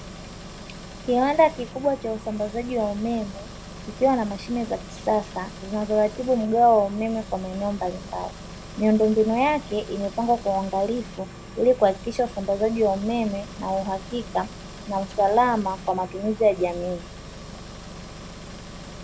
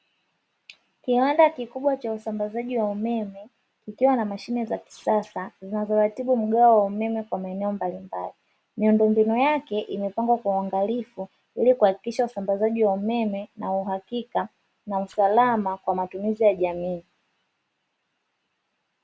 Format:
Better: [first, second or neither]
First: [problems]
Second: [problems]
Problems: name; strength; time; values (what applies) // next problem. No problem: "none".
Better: second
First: background sound (Engine); 14 dB below the speech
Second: none